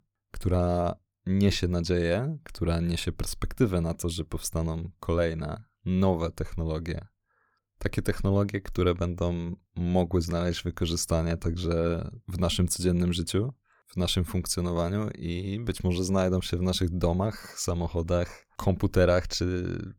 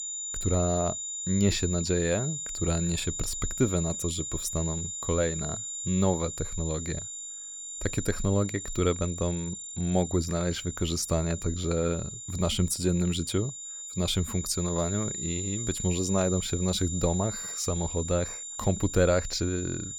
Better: first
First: none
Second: high-pitched whine; loud; throughout; 7 kHz, 5 dB below the speech

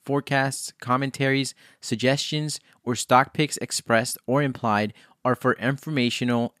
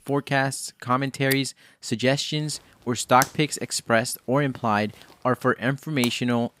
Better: first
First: none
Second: household noises; loud; throughout; 9 dB below the speech

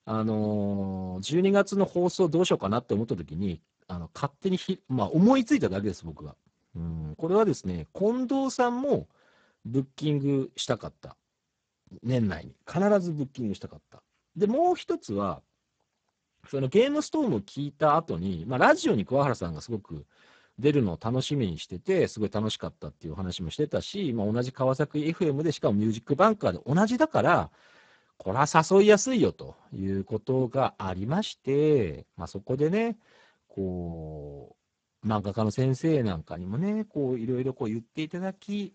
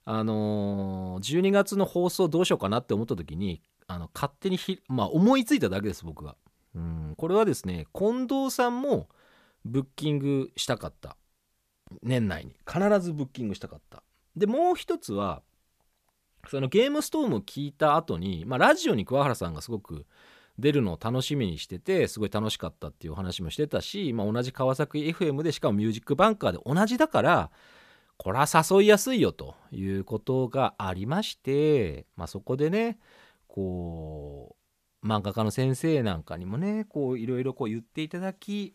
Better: second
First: garbled, watery; badly; nothing above 7.5 kHz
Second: none

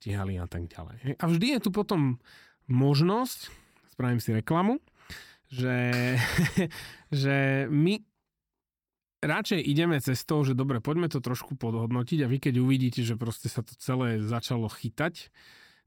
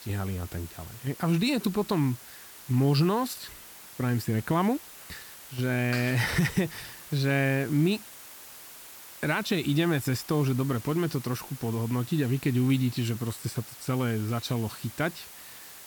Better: first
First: none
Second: hiss; noticeable; throughout; 15 dB below the speech

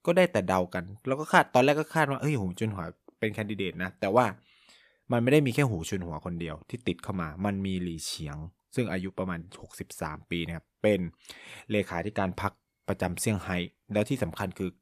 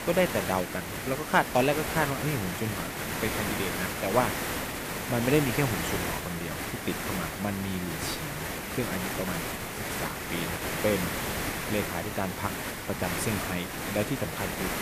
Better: first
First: none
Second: hiss; loud; throughout; 1 dB below the speech

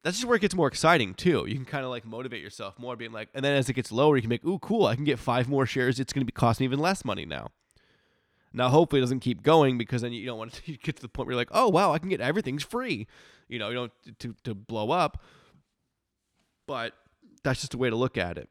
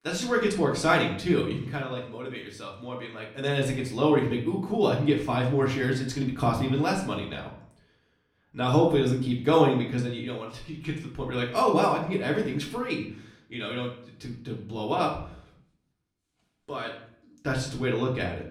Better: first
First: none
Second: room echo; slight; dies away in 0.5 s // off-mic speech; far

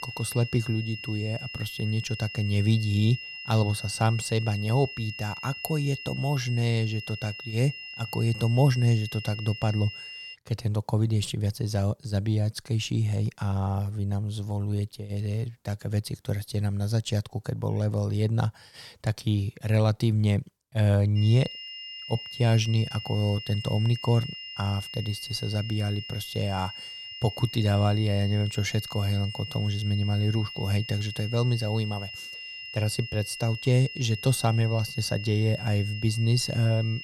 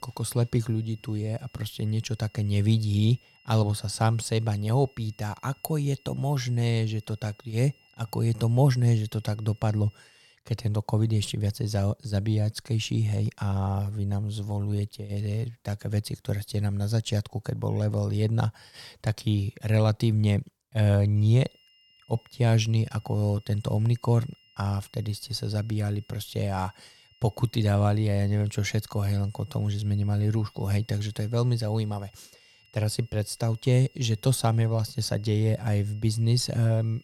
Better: second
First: high-pitched whine; loud; until 10 s and from 21 s on; 3 kHz, 10 dB below the speech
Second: high-pitched whine; faint; until 10 s and from 21 s on; 3 kHz, 30 dB below the speech

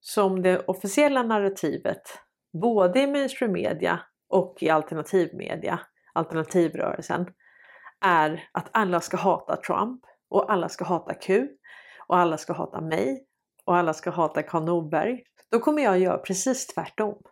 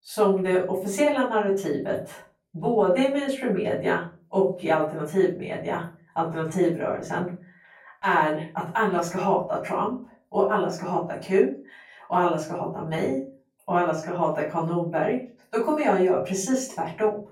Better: first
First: none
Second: off-mic speech; far // room echo; slight; dies away in 0.3 s

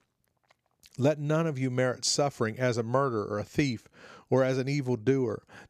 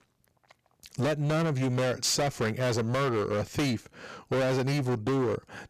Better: first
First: none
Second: distortion; heavy; 25% of the sound clipped

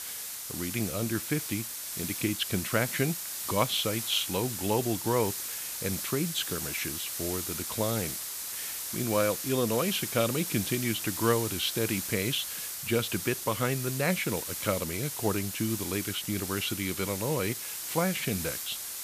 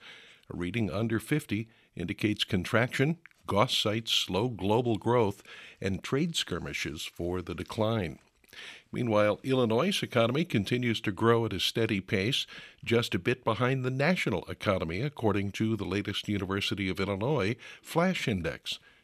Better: second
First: hiss; loud; throughout; 3 dB below the speech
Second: none

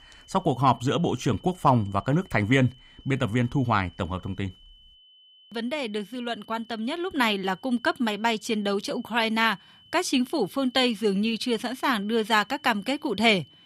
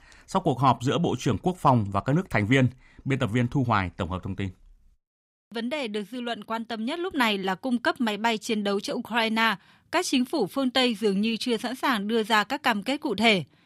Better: second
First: high-pitched whine; faint; throughout; 3 kHz, 25 dB below the speech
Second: none

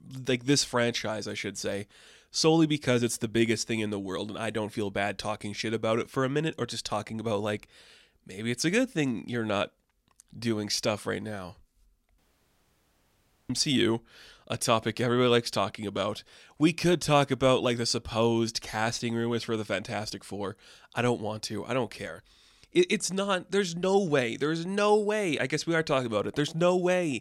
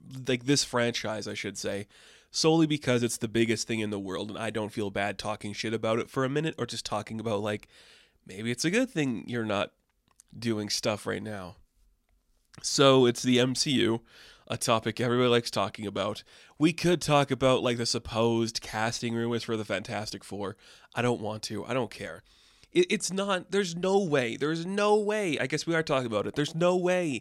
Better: second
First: audio cutting out; at 12 s for 1.5 s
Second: none

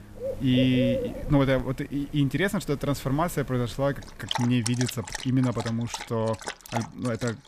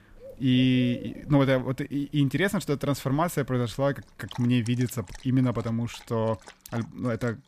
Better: second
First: animal sounds; loud; throughout; 8 dB below the speech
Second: animal sounds; faint; throughout; 20 dB below the speech

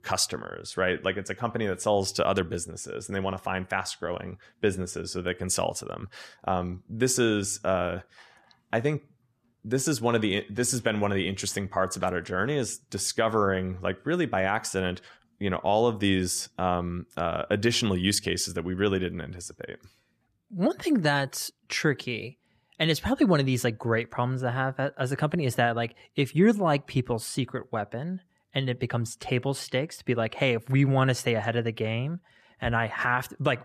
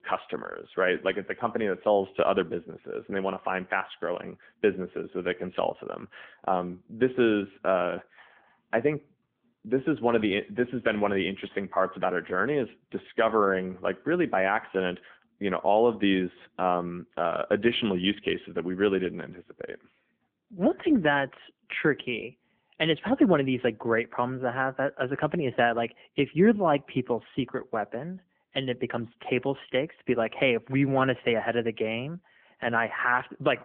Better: first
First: none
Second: phone-call audio; nothing above 3.5 kHz

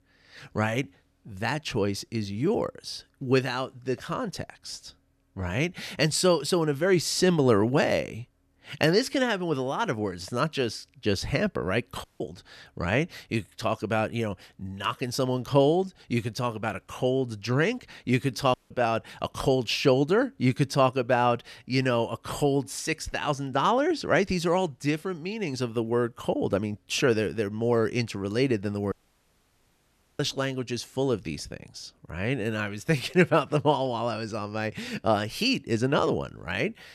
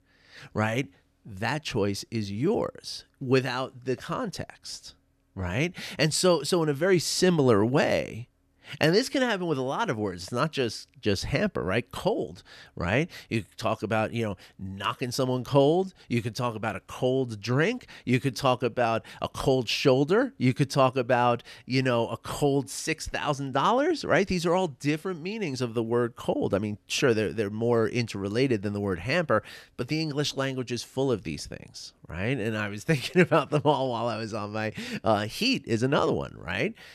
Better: second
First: audio cutting out; at 12 s, at 19 s and at 29 s for 1.5 s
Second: none

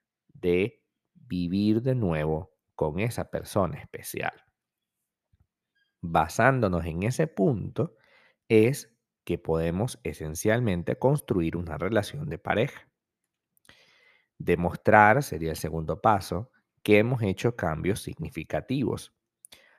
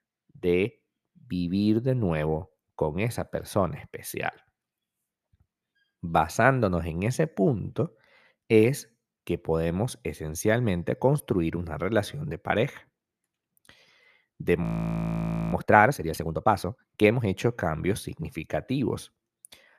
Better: first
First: none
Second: audio freezing; at 15 s for 1 s

